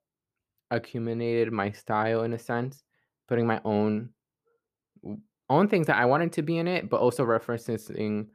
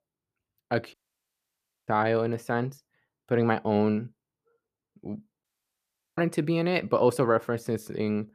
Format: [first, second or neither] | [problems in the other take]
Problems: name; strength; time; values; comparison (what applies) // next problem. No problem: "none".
first | audio cutting out; at 1 s for 1 s and at 5.5 s for 0.5 s